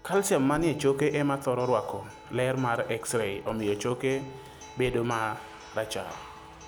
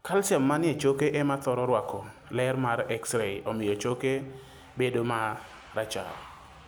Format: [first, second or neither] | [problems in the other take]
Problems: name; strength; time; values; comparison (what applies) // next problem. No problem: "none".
second | background sound (Car + Acoustic guitar); 19 dB below the speech